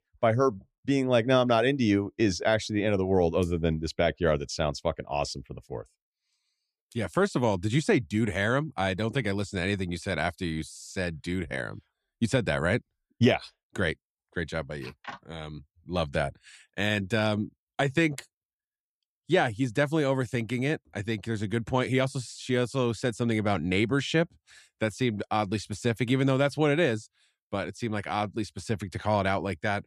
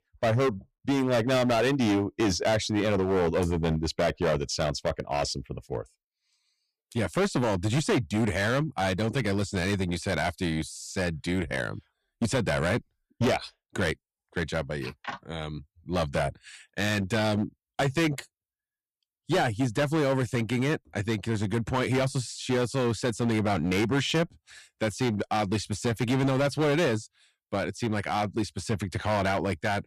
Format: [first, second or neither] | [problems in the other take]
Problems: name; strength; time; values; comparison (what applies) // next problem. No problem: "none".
first | distortion; heavy; 12% of the sound clipped